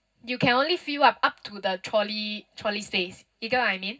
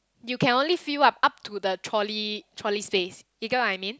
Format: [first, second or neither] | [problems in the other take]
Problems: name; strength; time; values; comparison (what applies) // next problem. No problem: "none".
second | room echo; dies away in 0.4 s